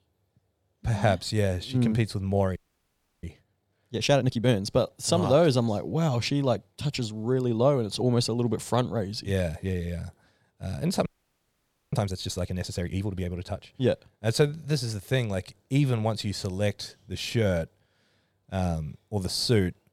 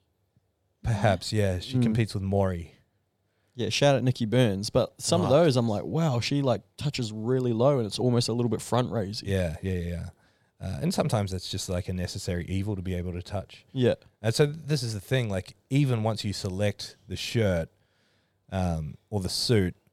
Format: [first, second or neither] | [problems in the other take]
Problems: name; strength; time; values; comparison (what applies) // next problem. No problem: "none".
second | audio freezing; at 2.5 s for 0.5 s and at 11 s for 1 s